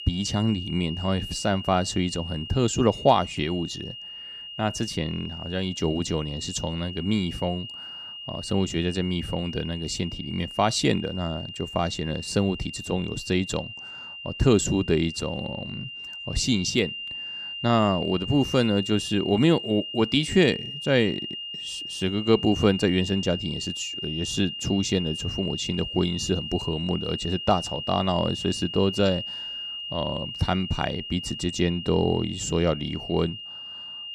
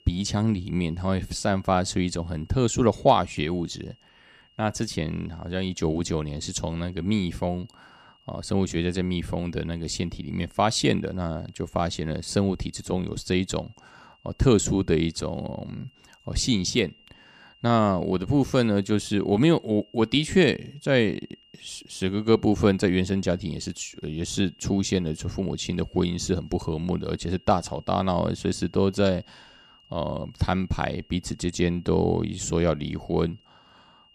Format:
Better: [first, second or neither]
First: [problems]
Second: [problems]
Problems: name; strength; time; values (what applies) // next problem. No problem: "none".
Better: second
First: high-pitched whine; loud; throughout; 3 kHz, 8 dB below the speech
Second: high-pitched whine; faint; throughout; 3 kHz, 30 dB below the speech